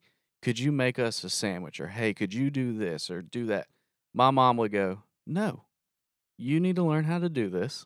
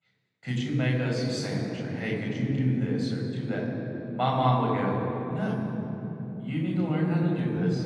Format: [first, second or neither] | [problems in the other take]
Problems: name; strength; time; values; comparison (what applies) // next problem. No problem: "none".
first | room echo; strong; dies away in 3 s // off-mic speech; far